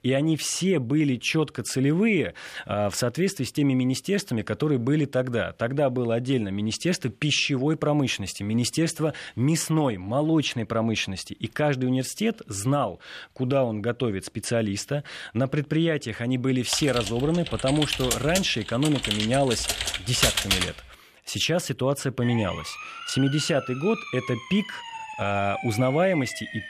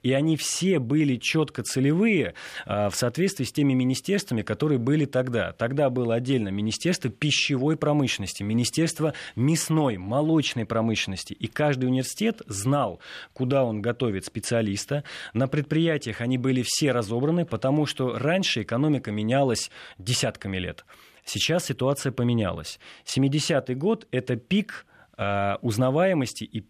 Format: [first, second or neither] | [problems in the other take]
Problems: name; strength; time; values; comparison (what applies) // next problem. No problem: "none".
second | keyboard typing; loud; from 17 to 21 s; peak 4 dB above the speech // siren; noticeable; from 22 s on; peak 8 dB below the speech